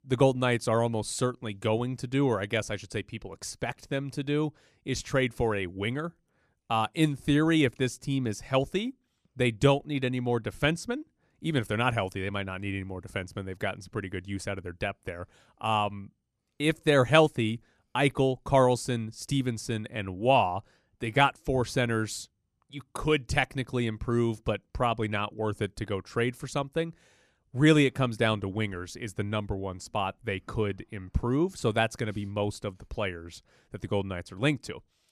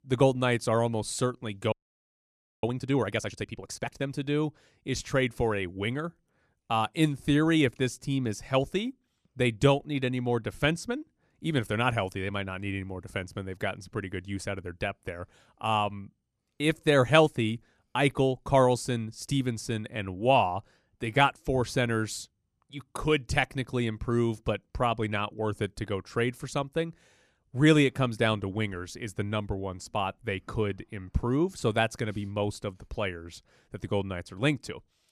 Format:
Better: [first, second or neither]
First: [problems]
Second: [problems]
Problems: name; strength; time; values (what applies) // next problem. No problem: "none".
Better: first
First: none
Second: audio freezing; at 1.5 s for 1 s